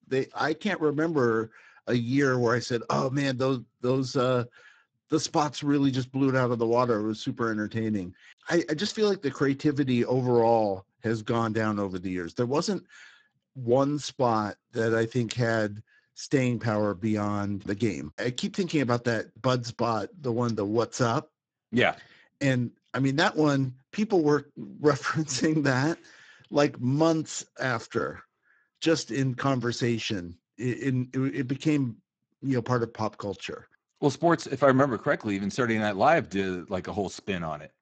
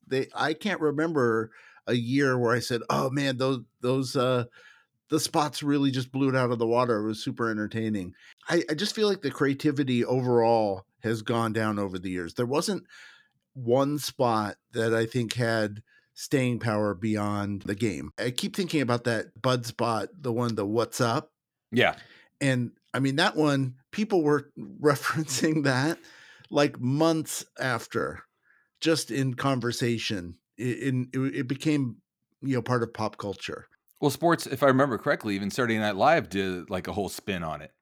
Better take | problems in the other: second | garbled, watery; badly; nothing above 7.5 kHz

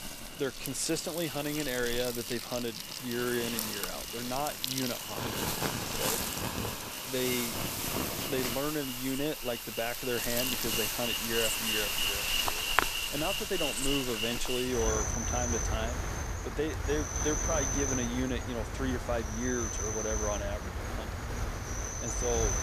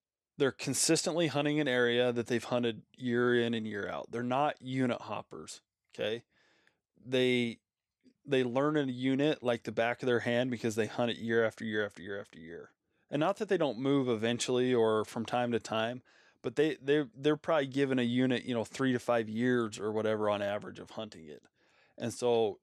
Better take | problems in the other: second | animal sounds; very loud; throughout; 2 dB above the speech

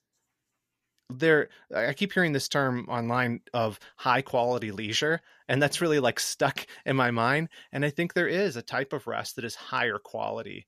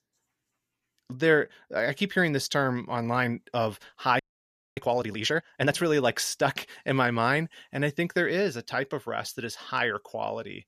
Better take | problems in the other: first | audio freezing; at 4 s for 0.5 s

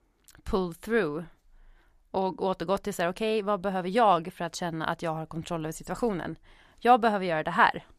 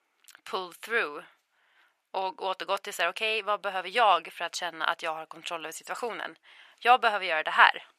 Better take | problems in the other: first | thin; very; fading below 650 Hz

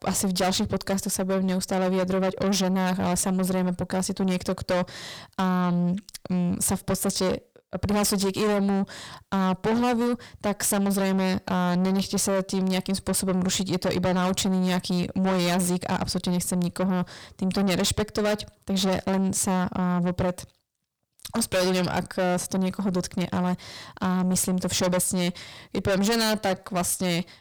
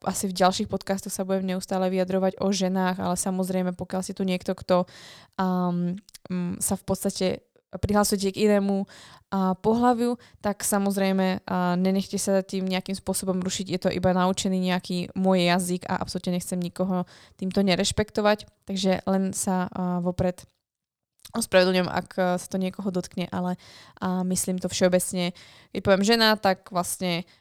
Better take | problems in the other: second | distortion; heavy; 5 dB below the speech

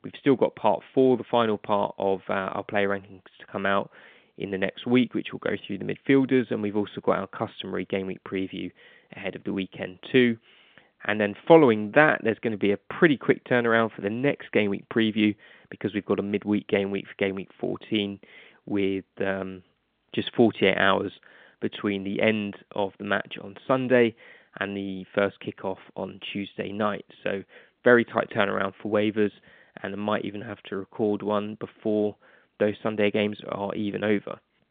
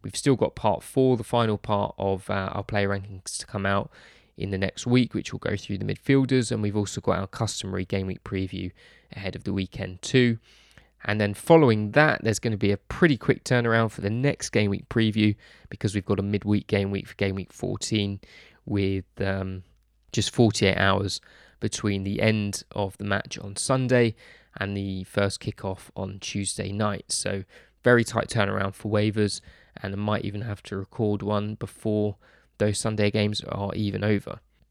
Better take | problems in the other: second | phone-call audio; nothing above 3.5 kHz

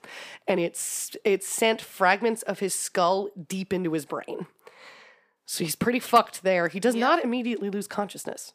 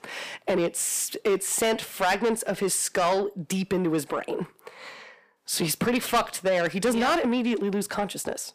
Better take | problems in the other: first | distortion; heavy; 7 dB below the speech

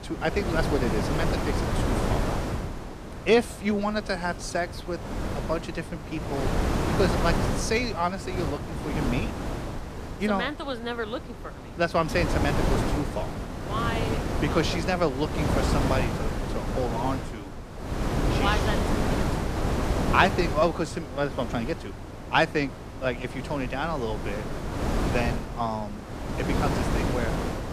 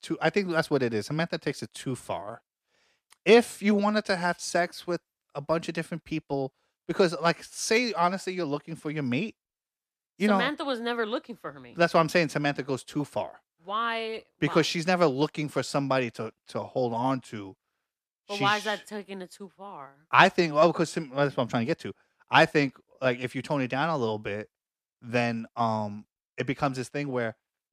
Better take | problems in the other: second | wind noise on the microphone; heavy; 4 dB below the speech

